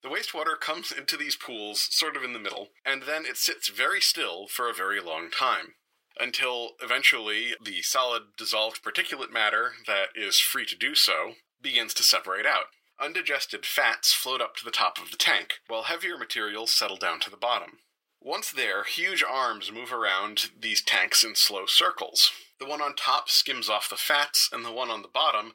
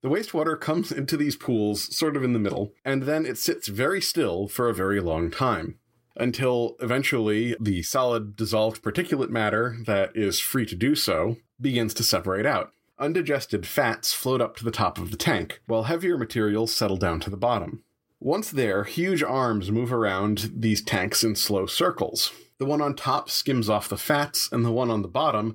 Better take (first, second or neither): second